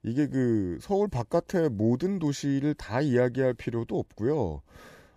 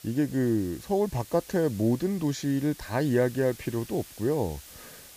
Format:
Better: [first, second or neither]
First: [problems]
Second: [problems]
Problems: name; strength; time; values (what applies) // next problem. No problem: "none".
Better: first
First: none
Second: hiss; noticeable; throughout; 20 dB below the speech